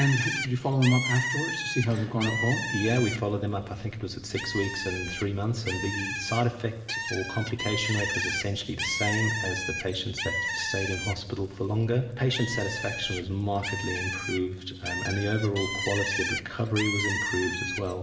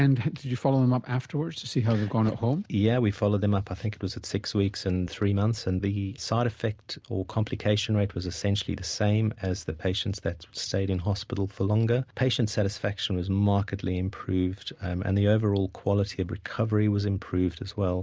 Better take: second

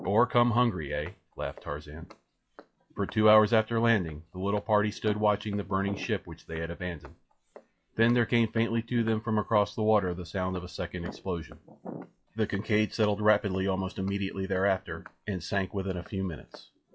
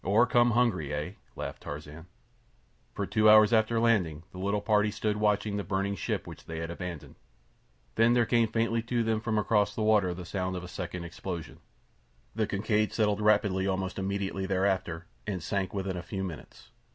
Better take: second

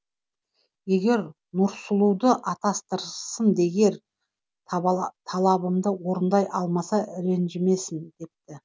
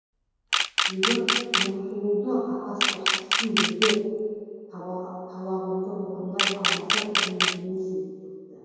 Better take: first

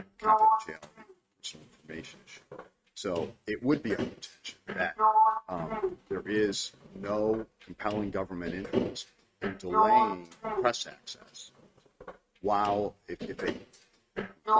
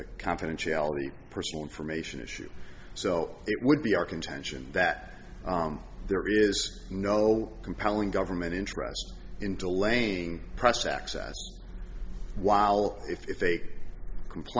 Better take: second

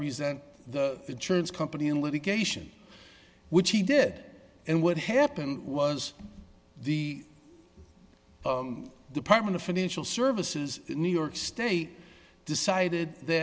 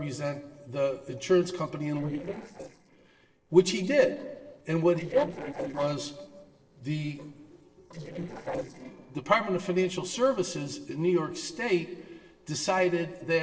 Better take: first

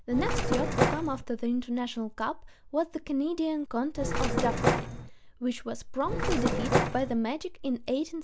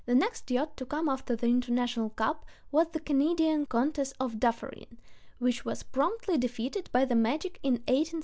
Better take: second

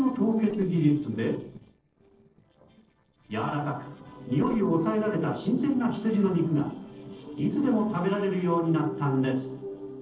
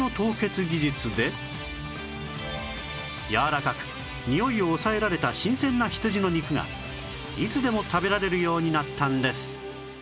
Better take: second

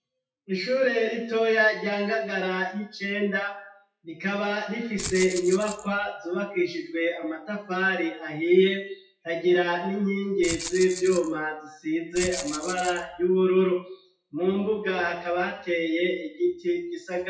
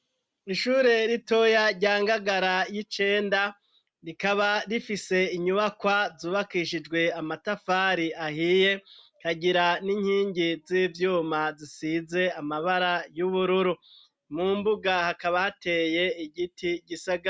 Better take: second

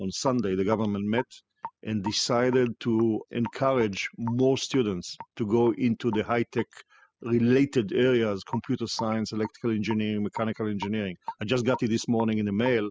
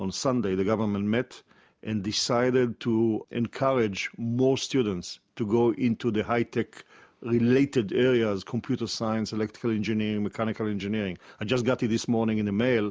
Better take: second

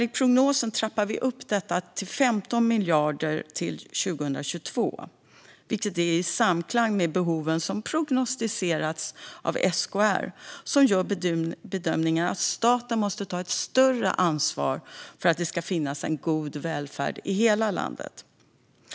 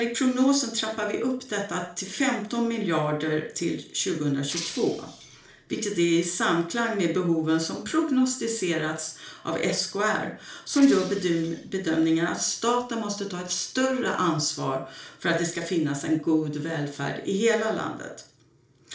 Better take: first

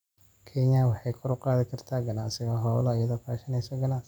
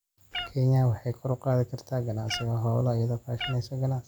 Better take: first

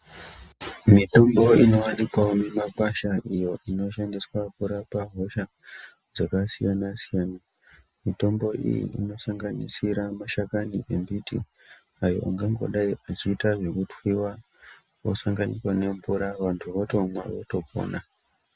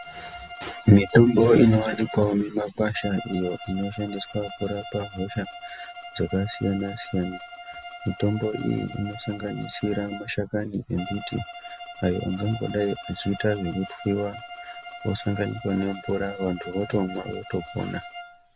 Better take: first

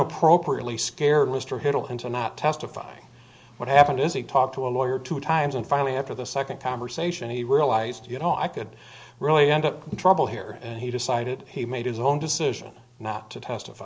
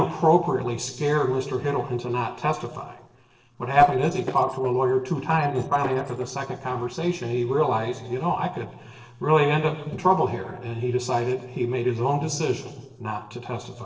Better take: first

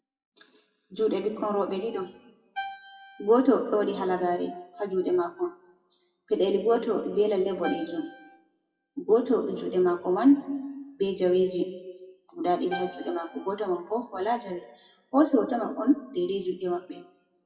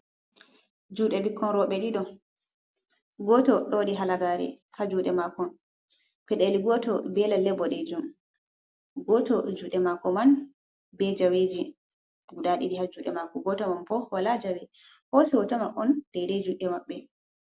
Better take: second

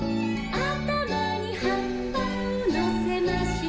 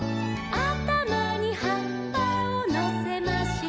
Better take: second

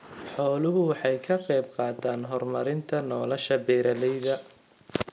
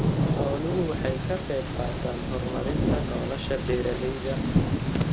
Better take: first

